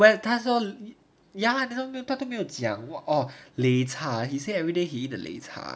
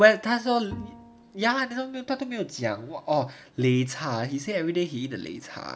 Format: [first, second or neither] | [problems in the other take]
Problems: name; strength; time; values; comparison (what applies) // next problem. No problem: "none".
first | background sound (Bowed string instrument); 20 dB below the speech